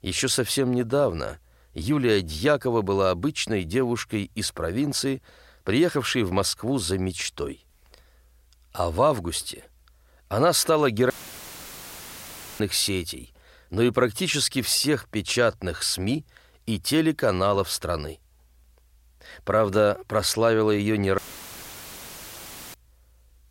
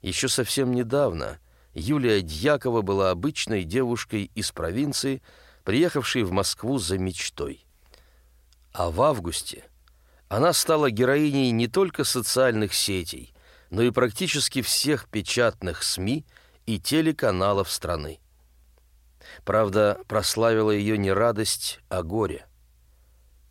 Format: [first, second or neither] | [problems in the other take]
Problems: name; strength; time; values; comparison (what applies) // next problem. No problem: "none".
second | audio cutting out; filled with static; at 11 s for 1.5 s and at 21 s for 1.5 s